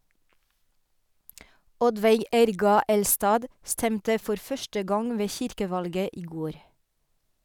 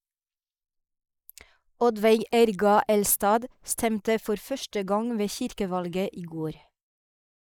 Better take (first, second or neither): first